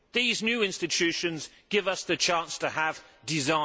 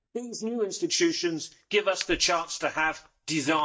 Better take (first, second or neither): first